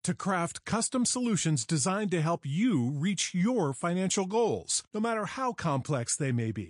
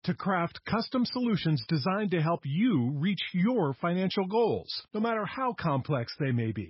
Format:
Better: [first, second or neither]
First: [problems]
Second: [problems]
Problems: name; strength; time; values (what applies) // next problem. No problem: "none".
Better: first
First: garbled, watery; slightly; nothing above 10 kHz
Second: garbled, watery; badly; nothing above 5.5 kHz